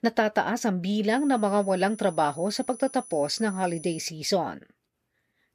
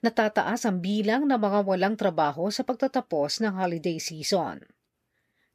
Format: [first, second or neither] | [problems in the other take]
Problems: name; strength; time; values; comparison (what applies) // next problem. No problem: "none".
second | high-pitched whine; noticeable; from 1 to 4 s; 10 kHz, 15 dB below the speech